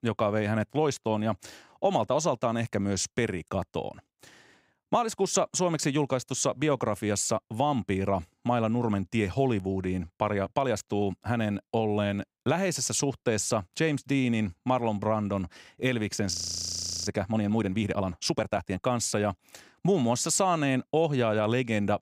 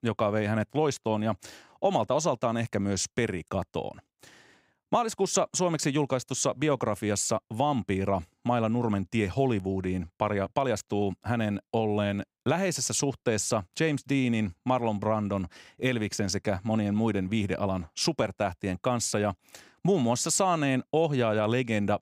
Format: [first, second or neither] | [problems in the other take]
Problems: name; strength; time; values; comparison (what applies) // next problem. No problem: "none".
second | audio freezing; at 16 s for 0.5 s